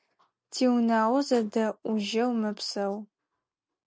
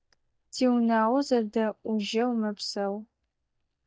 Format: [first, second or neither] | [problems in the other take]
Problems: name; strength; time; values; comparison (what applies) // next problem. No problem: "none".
first | noise reduction (neural mask model DeepFilterNet 3)